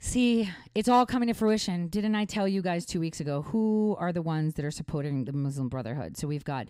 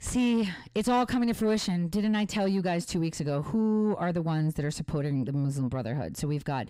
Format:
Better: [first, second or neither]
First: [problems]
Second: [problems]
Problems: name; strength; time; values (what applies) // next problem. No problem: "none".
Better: first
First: none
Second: distortion; slight; 10 dB below the speech